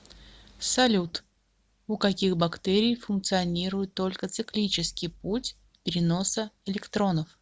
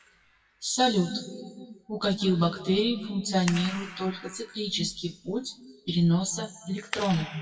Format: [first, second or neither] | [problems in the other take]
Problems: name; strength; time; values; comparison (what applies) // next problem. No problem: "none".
first | noise reduction (classical method WPE with log-MMSE)